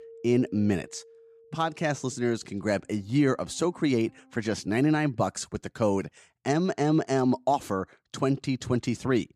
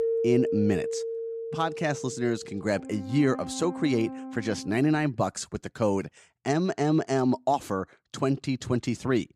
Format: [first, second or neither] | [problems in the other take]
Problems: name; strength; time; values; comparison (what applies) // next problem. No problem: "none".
first | background music; loud; until 5.5 s; 7 dB below the speech; faint in the first